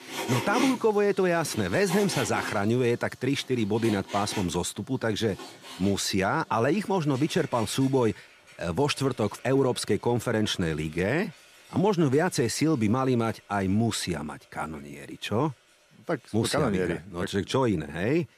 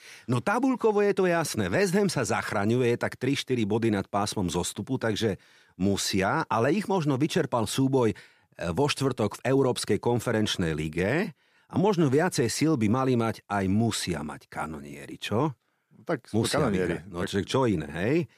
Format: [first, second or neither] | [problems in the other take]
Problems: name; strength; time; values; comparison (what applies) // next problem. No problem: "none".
second | household noises; noticeable; throughout; 10 dB below the speech